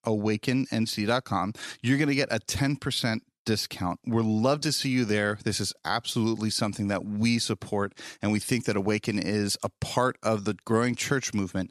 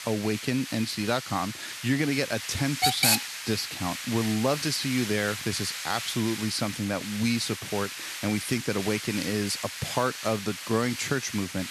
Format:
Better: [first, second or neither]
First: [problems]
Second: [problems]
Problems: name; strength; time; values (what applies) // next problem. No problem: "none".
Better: first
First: none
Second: hiss; loud; throughout; 3 dB below the speech